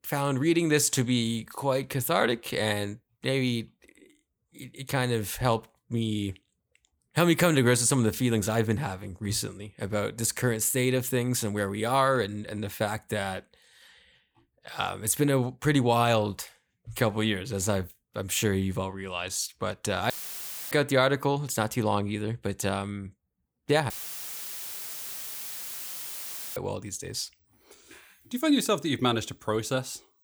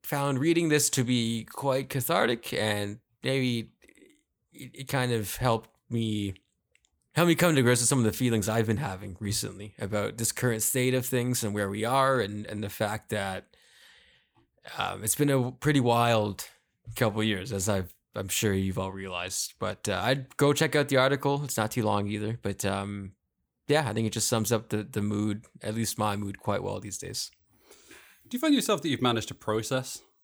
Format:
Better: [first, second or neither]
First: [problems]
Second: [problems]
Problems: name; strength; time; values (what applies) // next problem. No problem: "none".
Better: second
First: audio cutting out; filled with static; at 20 s for 0.5 s and at 24 s for 2.5 s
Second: none